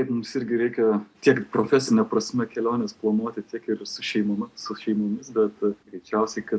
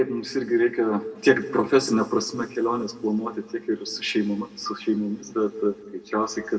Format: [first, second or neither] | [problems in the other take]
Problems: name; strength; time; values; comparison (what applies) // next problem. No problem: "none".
first | room echo; dies away in 1.5 s